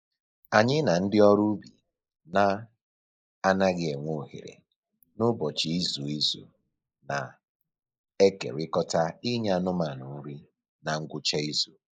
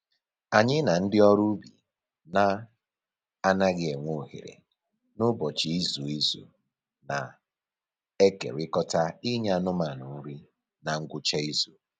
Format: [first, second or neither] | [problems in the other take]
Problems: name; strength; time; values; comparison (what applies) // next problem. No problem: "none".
second | noise reduction (neural mask model Resemble Enhance denoiser)